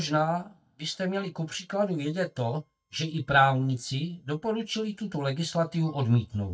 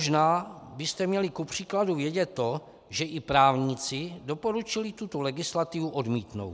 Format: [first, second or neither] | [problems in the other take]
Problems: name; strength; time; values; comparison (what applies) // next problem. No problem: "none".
second | noise reduction (neural mask model DeepFilterNet 3)